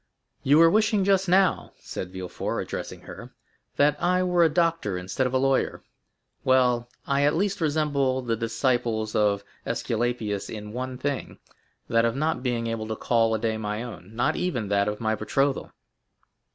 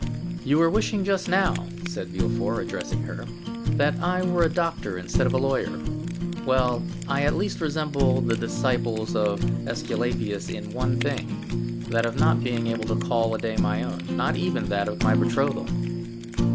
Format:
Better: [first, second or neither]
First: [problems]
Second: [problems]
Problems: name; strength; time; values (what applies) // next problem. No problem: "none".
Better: first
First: none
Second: background sound (Fire); as loud as the speech